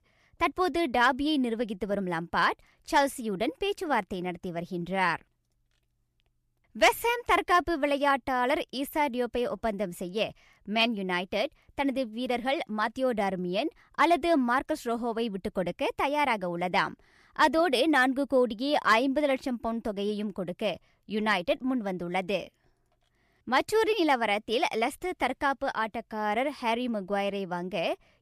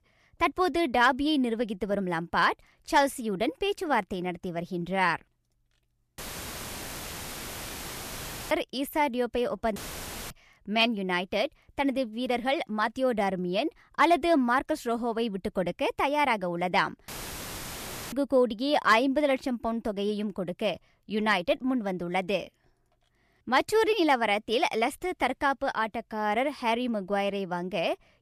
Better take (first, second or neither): first